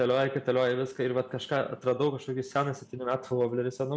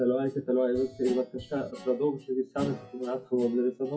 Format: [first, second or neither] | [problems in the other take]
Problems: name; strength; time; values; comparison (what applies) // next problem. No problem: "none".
first | noise reduction (classical method WPE with log-MMSE)